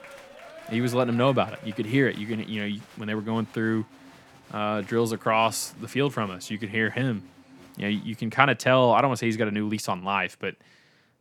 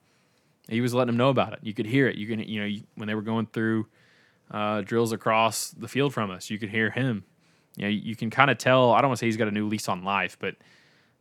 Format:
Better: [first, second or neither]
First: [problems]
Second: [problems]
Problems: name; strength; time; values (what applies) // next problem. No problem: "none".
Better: second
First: crowd noise; faint; until 8 s; 20 dB below the speech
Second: none